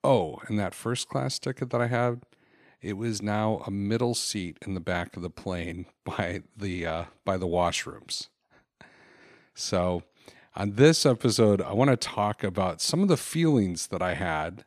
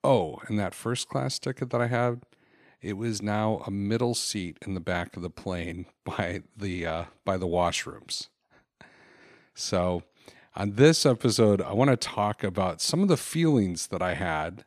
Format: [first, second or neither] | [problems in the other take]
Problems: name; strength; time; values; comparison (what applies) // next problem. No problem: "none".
neither | none